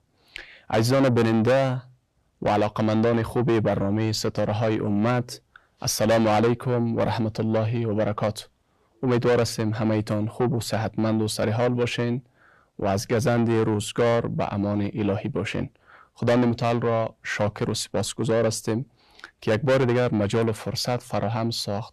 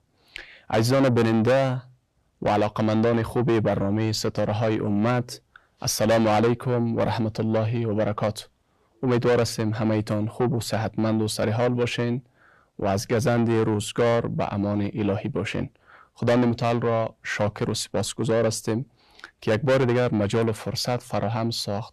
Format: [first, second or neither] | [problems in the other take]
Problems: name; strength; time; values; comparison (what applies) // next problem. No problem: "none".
neither | distortion; heavy; 6 dB below the speech; the same in both